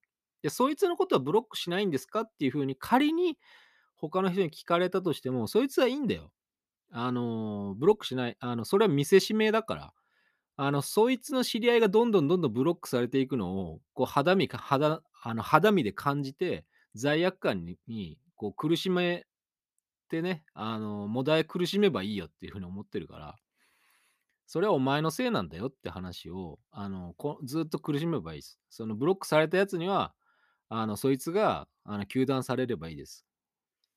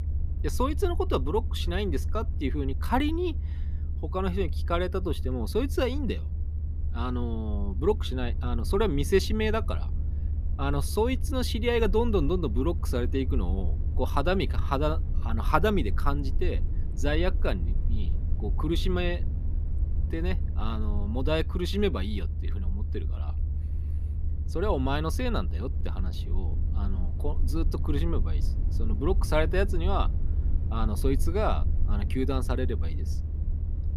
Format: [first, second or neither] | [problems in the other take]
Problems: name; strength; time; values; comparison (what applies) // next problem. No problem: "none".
first | low rumble; noticeable; throughout; 15 dB below the speech